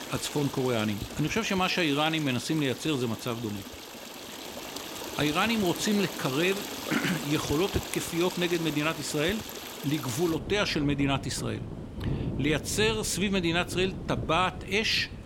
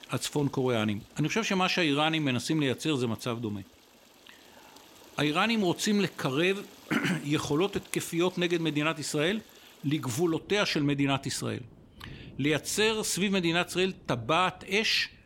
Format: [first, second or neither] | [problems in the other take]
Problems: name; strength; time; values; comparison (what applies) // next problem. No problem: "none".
second | rain or running water; loud; throughout; 9 dB below the speech; faint in the second